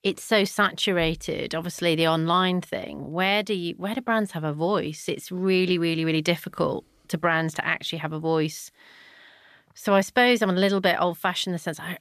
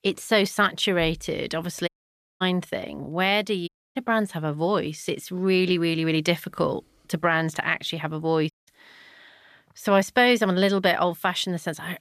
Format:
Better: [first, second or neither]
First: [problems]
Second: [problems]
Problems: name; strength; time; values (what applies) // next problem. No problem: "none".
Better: first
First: none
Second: audio cutting out; at 2 s for 0.5 s, at 3.5 s and at 8.5 s